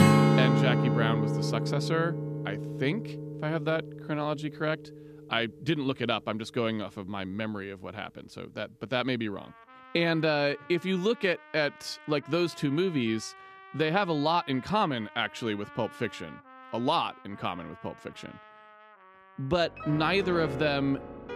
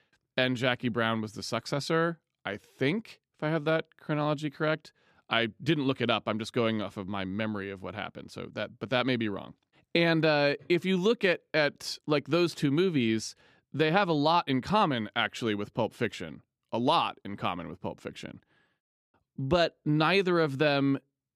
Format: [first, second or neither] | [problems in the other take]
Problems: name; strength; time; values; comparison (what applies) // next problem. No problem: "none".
second | background music; loud; throughout; as loud as the speech